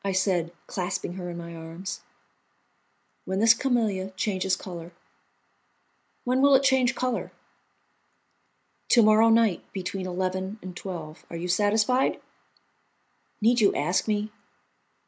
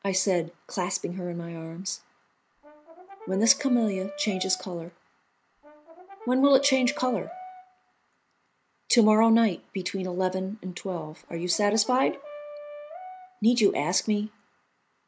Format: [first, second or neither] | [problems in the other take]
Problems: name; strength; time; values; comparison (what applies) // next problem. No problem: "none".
first | background sound (Brass instrument); 15 dB below the speech